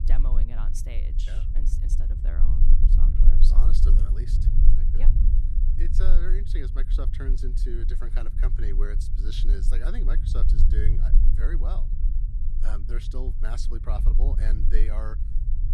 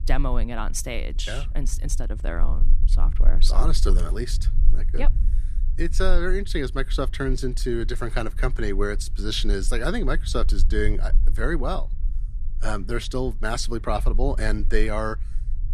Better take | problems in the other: second | low rumble; loud; throughout; 4 dB below the speech; faint in the second

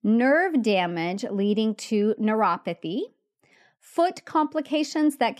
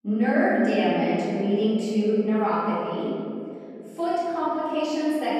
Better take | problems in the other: first | off-mic speech; far // room echo; strong; dies away in 2.6 s

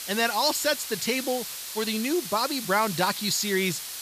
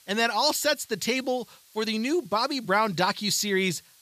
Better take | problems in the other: second | hiss; loud; throughout; 7 dB below the speech; faint in the second

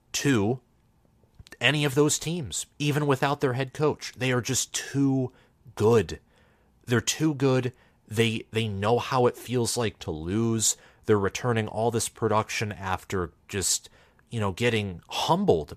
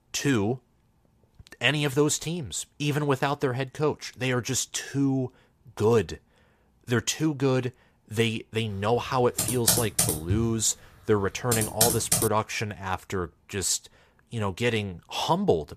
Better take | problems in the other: first | keyboard typing; loud; from 9.5 to 12 s; peak 5 dB above the speech

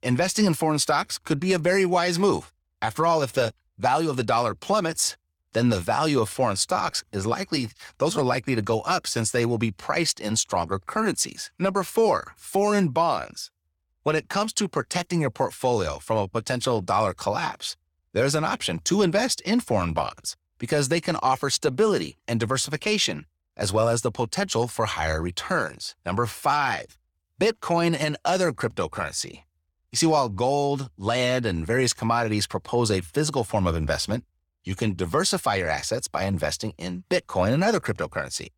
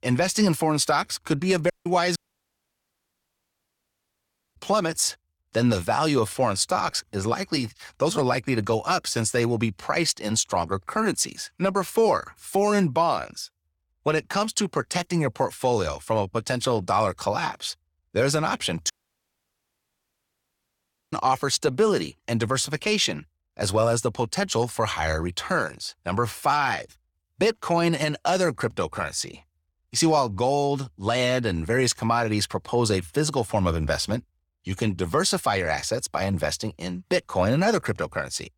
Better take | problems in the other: first | audio cutting out; at 1.5 s, at 2 s for 2.5 s and at 19 s for 2 s

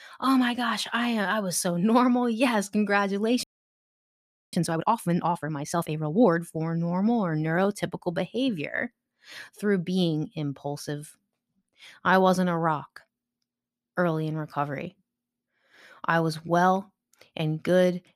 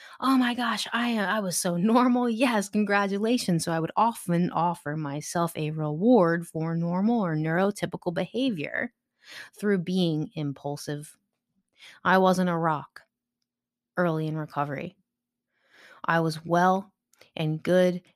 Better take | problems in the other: second | audio freezing; at 3.5 s for 1 s

